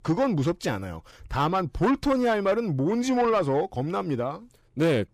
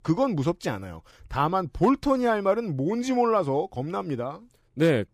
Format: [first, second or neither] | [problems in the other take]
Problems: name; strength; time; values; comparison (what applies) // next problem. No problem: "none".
second | distortion; slight; 10 dB below the speech